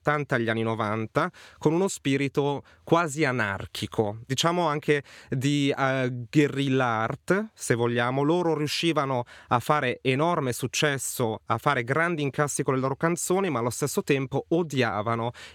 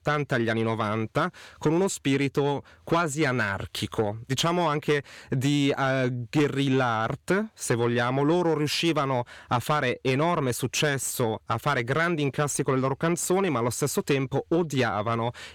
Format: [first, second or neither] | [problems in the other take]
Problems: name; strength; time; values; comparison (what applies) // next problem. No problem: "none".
first | distortion; slight; 10 dB below the speech